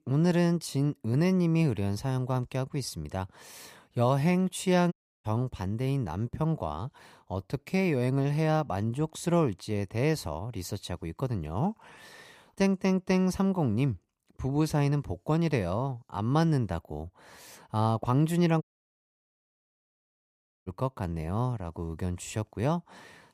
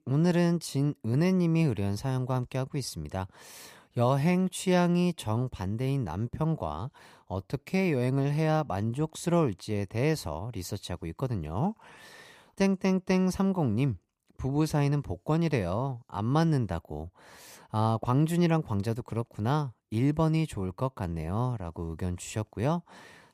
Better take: second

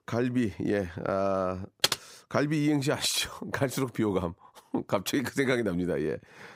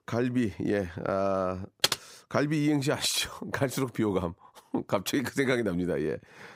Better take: neither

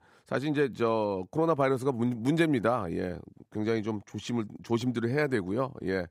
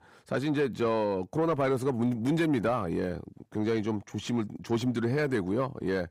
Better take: first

